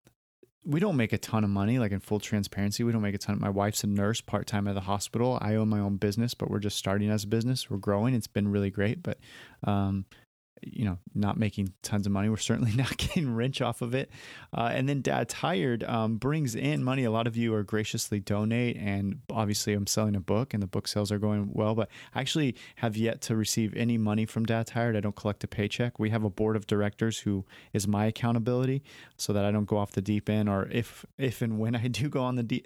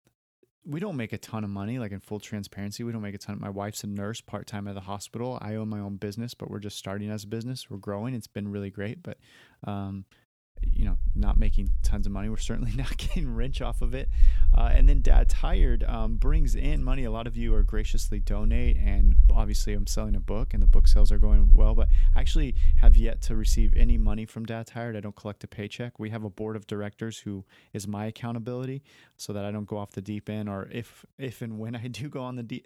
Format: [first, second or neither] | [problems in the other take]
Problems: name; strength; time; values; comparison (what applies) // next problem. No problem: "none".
first | low rumble; noticeable; from 11 to 24 s; 15 dB below the speech